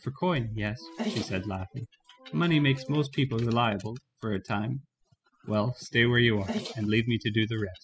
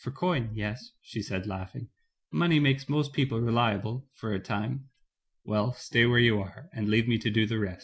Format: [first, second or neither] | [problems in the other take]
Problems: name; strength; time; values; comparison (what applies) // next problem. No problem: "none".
second | noise reduction (classical method spectral subtraction)